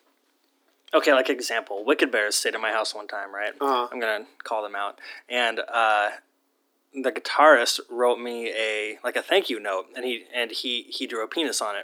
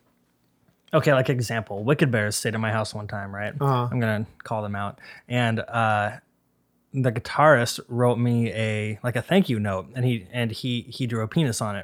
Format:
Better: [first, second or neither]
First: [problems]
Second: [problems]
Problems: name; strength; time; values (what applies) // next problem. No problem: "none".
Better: second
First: thin; very; fading below 250 Hz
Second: none